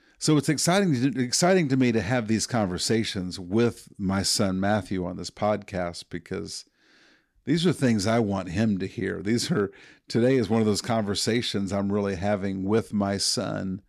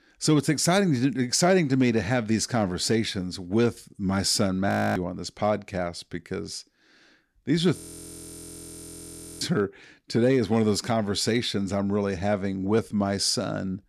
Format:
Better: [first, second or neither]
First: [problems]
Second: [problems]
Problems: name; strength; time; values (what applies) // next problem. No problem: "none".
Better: first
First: none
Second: audio freezing; at 4.5 s and at 8 s for 1.5 s